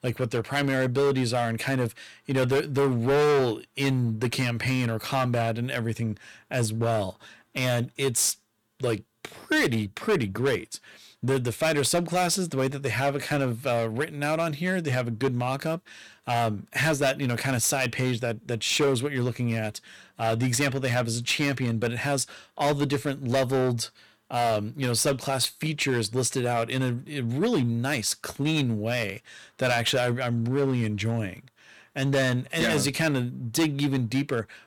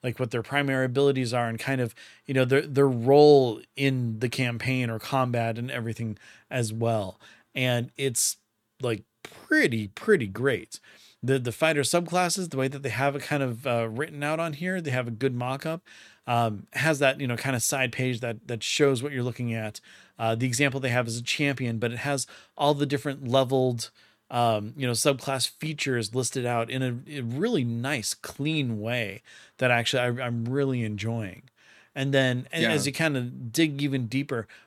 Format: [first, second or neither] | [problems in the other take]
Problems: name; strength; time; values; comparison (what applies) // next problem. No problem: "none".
second | distortion; heavy; 8% of the sound clipped